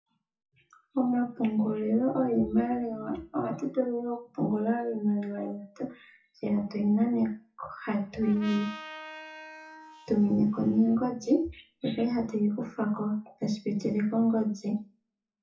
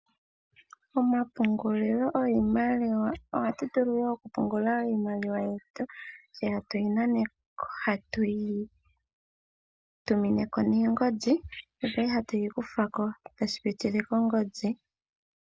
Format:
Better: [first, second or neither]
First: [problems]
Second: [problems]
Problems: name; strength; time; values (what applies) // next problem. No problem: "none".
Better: second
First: noise reduction (classical method WPE with log-MMSE)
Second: none